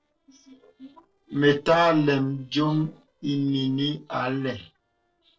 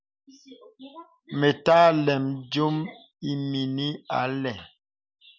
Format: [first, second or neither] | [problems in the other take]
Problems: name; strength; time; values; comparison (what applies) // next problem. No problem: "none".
second | noise reduction (neural separator model SepFormer DNS4)